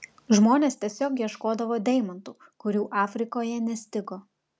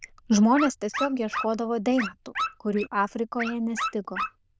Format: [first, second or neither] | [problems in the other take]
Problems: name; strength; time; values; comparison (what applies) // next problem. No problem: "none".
first | noise reduction (neural diffusion model UNIVERSE++)